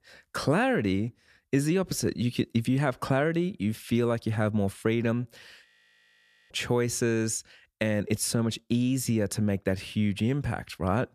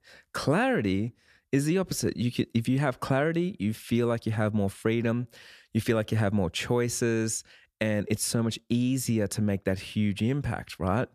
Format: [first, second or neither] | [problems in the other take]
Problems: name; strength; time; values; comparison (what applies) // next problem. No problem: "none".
second | audio freezing; at 5.5 s for 1 s